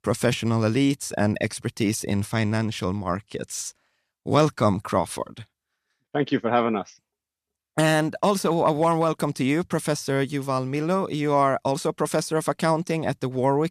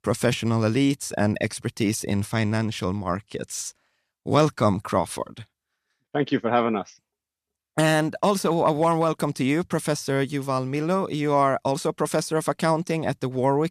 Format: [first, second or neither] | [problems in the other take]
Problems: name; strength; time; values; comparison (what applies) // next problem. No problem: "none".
neither | none